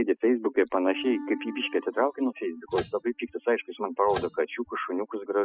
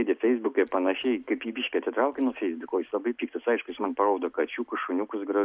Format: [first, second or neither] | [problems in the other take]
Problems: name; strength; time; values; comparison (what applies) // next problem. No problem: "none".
second | noise reduction (classical method spectral subtraction)